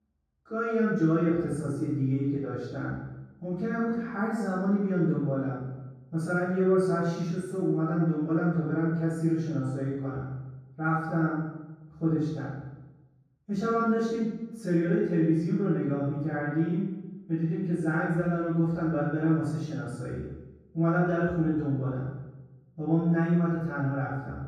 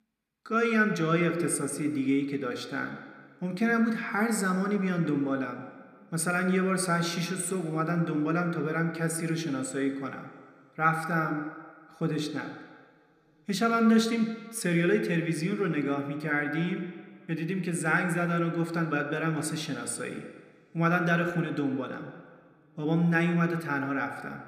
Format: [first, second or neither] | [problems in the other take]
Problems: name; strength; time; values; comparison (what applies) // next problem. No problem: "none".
second | room echo; strong; dies away in 1.3 s; slight in the second // off-mic speech; far